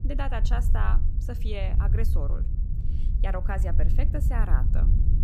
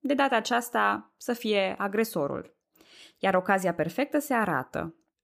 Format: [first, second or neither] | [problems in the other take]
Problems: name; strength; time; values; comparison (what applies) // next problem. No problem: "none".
second | low rumble; loud; throughout; 8 dB below the speech